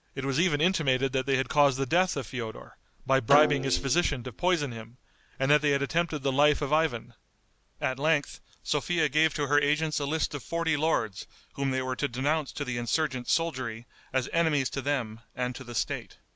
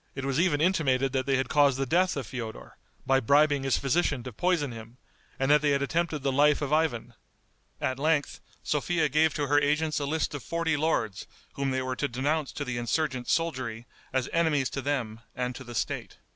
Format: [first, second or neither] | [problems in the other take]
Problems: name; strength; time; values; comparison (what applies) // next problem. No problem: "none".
second | background sound (Snare drum); 8 dB below the speech